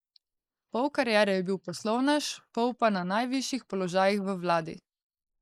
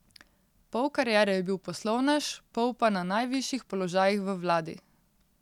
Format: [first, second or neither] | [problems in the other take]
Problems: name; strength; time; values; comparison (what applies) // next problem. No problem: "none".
second | noise reduction (neural mask model Resemble Enhance denoiser)